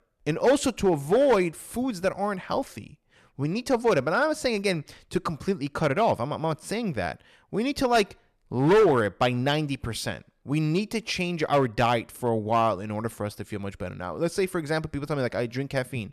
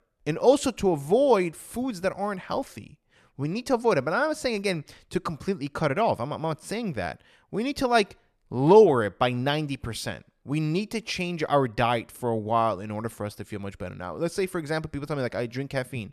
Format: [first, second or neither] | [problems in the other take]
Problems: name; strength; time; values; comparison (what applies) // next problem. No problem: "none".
second | distortion; slight; 2% of the sound clipped